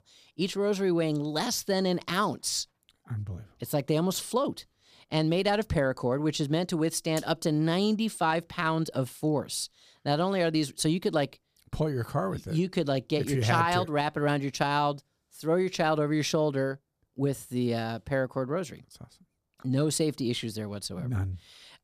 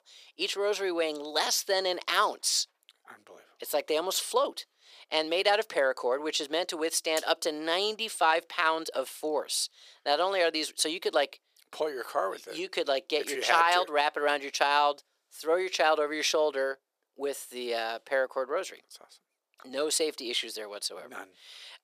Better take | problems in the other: first | thin; very; fading below 450 Hz

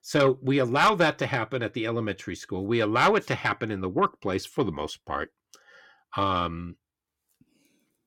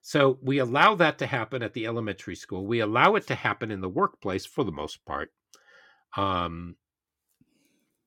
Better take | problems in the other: second | distortion; slight; 10 dB below the speech

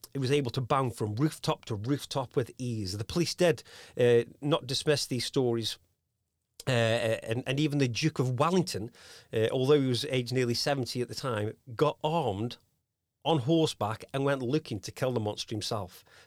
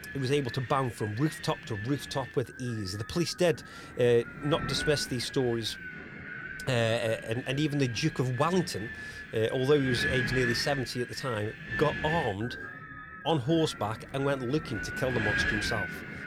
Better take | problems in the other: first | wind noise on the microphone; heavy; 4 dB below the speech

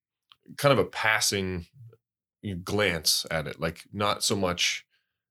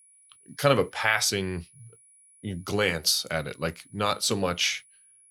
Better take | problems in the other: first | high-pitched whine; faint; throughout; 10.5 kHz, 30 dB below the speech

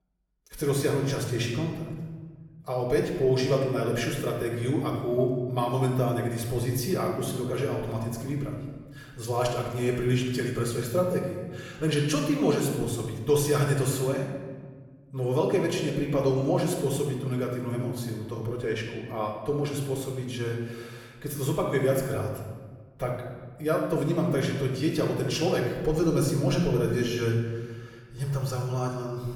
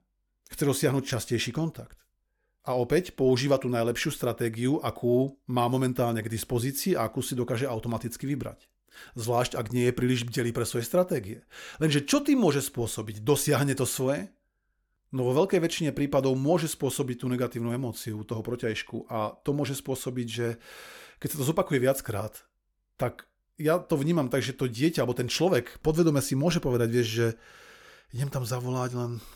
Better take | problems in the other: second | off-mic speech; far // room echo; noticeable; dies away in 1.3 s

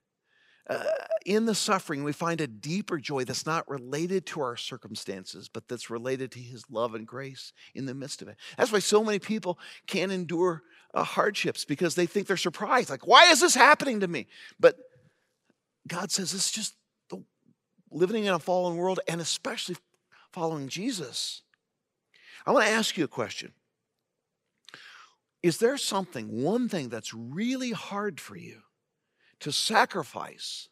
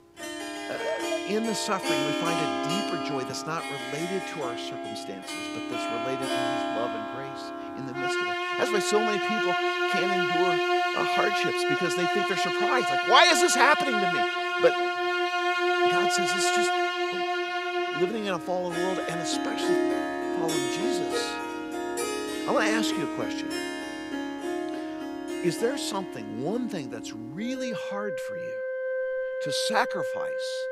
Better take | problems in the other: first | background music; very loud; throughout; 1 dB above the speech

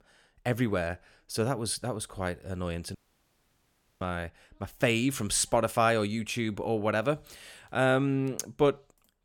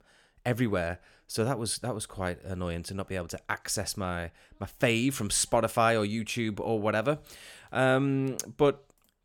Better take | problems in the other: second | audio cutting out; at 3 s for 1 s

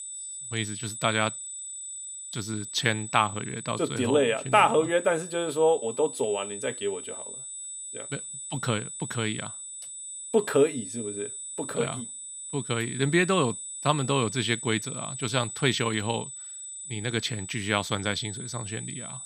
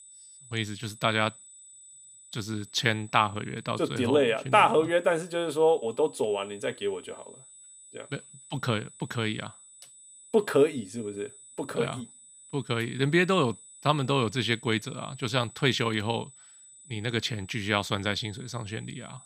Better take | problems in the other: second | high-pitched whine; loud; throughout; 8 kHz, 9 dB below the speech; faint in the second

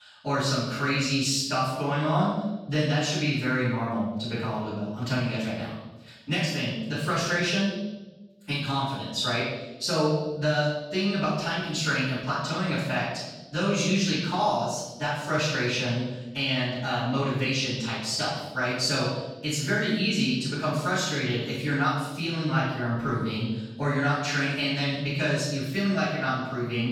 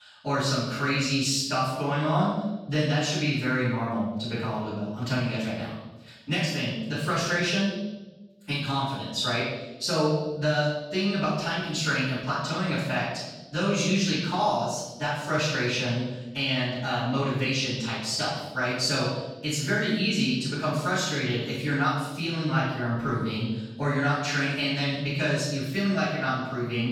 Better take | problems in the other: neither | off-mic speech; far; the same in both // room echo; strong; dies away in 1 s; the same in both

